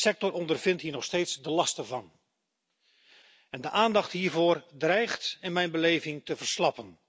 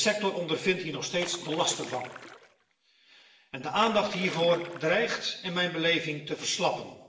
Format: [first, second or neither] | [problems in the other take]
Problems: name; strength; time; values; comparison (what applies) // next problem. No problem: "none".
first | background sound (Splash, splatter); 13 dB below the speech // room echo; dies away in 0.8 s